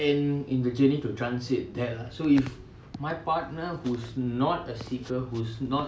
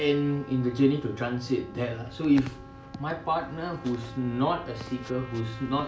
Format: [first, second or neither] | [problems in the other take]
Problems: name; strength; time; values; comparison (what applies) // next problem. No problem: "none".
first | background sound (Trumpet); 19 dB below the speech